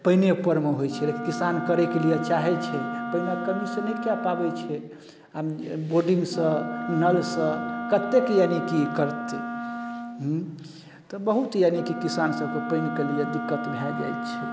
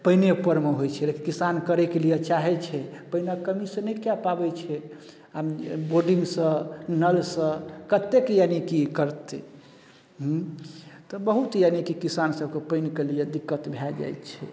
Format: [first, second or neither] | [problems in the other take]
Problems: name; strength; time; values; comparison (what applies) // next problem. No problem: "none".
second | background sound (Wind instrument, woodwind instrument); 7 dB below the speech